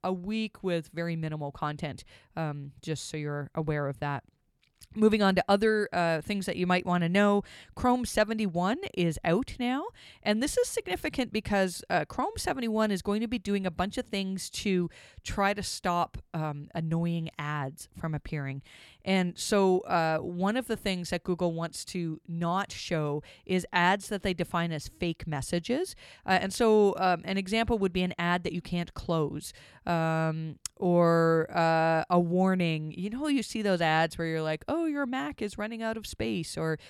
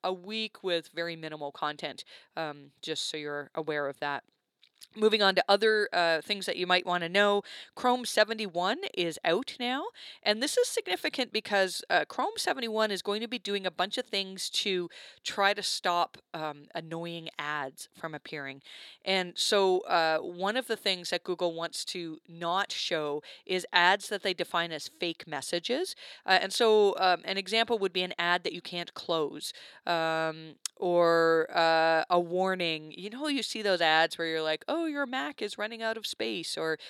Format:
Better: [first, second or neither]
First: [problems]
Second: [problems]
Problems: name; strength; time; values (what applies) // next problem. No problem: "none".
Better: first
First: none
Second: thin; somewhat; fading below 400 Hz